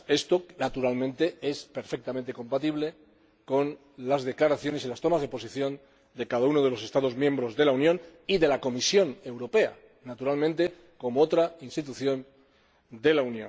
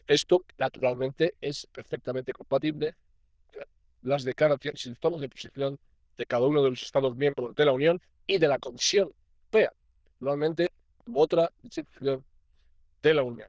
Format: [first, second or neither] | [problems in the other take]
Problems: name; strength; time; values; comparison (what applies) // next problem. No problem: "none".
first | noise reduction (neural diffusion model UNIVERSE++)